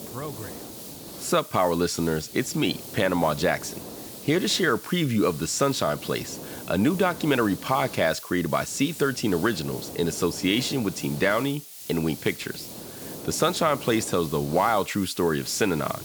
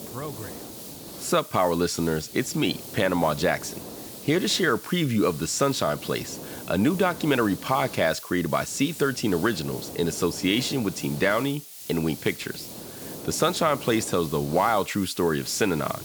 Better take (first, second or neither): neither